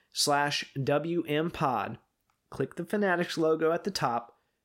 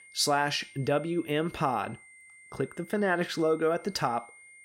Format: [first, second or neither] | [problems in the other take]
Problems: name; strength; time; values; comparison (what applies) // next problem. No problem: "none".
first | high-pitched whine; faint; throughout; 2 kHz, 20 dB below the speech